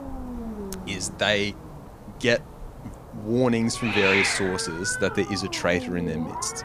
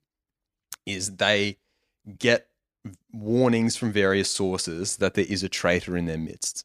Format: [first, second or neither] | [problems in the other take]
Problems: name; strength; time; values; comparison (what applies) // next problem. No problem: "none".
second | hiss; loud; throughout; 4 dB below the speech